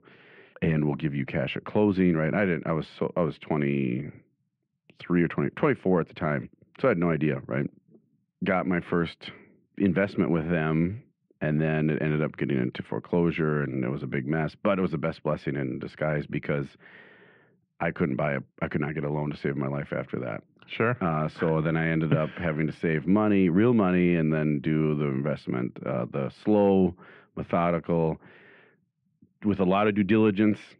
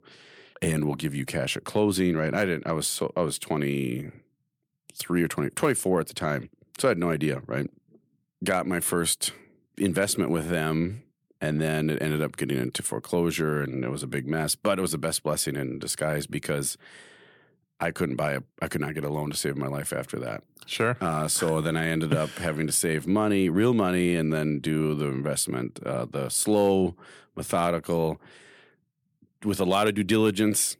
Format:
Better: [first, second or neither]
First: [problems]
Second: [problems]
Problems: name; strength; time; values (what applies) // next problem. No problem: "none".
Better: second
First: muffled; very; fading above 2.5 kHz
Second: none